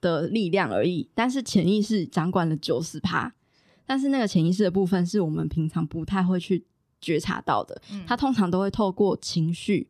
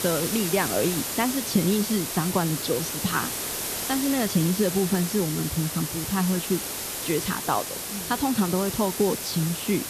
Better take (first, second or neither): first